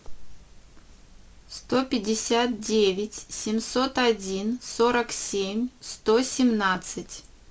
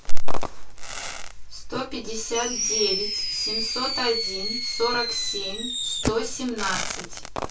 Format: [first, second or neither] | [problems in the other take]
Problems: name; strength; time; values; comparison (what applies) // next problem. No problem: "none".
first | background sound (Fireworks); 10 dB below the speech // room echo; dies away in 0.2 s